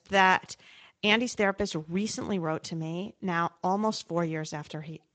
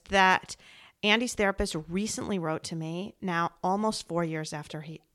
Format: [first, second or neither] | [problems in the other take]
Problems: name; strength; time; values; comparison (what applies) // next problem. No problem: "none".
second | garbled, watery; slightly; nothing above 8 kHz